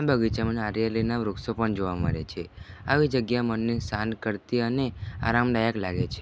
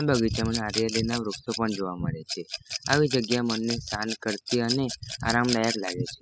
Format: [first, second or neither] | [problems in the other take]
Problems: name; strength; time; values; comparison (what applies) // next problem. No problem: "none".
first | noise reduction (classical method spectral subtraction)